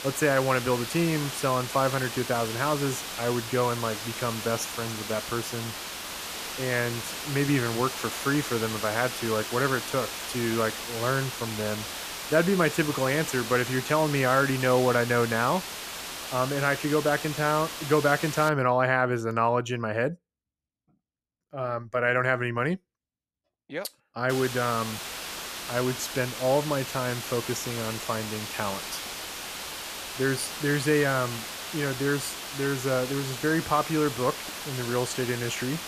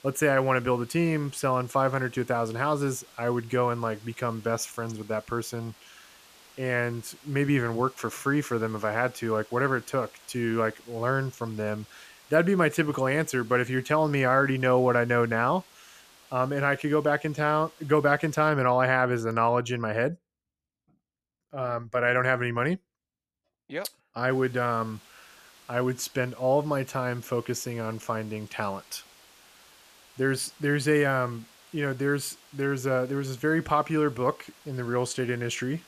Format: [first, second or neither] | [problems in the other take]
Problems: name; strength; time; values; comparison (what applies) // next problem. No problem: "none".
second | hiss; loud; until 18 s and from 24 s on; 7 dB below the speech; faint in the second